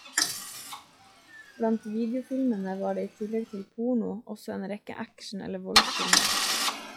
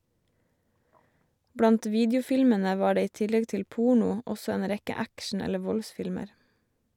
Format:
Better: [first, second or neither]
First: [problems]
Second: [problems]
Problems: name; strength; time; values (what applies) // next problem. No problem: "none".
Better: second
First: noise reduction (classical method log-MMSE)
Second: none